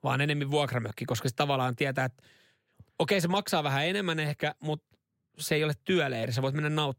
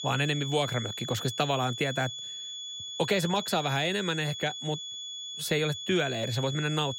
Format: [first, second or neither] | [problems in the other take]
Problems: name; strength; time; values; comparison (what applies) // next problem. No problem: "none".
first | high-pitched whine; loud; throughout; 3.5 kHz, 6 dB below the speech